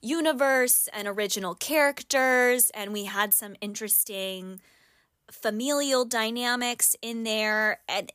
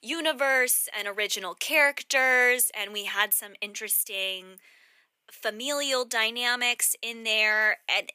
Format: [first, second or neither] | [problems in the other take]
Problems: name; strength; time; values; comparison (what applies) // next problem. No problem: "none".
first | thin; somewhat; fading below 350 Hz